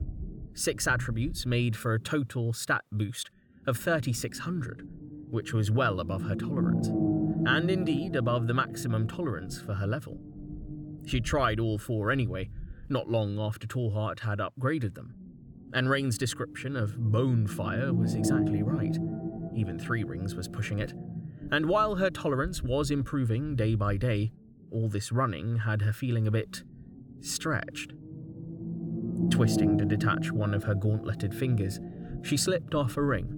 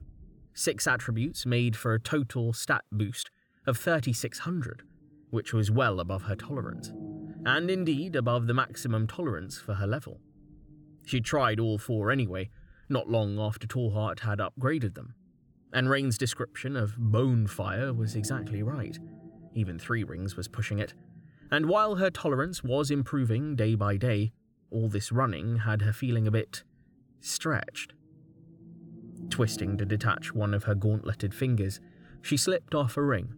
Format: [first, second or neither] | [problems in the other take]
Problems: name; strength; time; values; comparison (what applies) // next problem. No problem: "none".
second | low rumble; loud; throughout; 7 dB below the speech; faint in the second